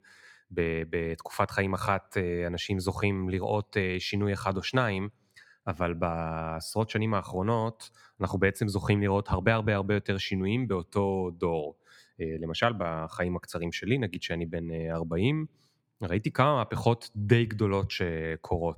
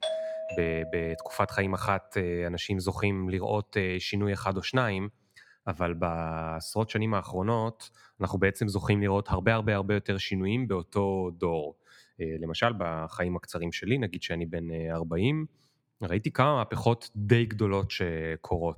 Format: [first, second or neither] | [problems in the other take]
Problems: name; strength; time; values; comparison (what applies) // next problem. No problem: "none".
first | doorbell; noticeable; until 1.5 s; peak 3 dB below the speech